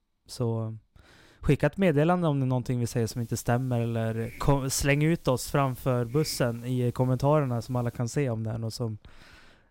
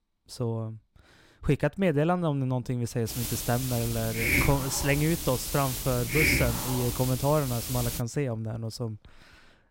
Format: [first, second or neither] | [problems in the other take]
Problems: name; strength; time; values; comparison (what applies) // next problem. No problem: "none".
first | hiss; loud; from 3 to 8 s; 1 dB below the speech; faint in the first